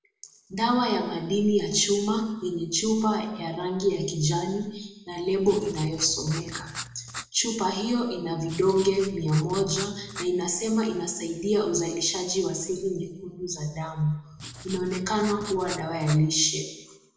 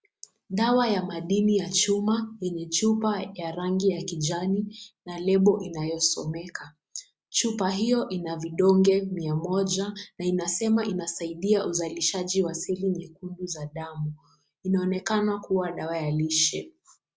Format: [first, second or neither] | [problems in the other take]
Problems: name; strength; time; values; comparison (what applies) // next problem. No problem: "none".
second | background sound (Writing); 13 dB below the speech // room echo; dies away in 0.9 s